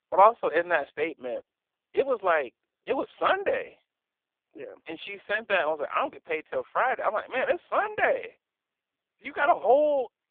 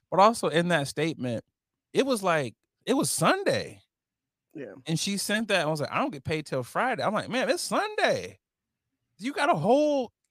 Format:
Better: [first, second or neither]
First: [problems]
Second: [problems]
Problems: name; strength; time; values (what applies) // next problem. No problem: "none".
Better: second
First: phone-call audio; poor line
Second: none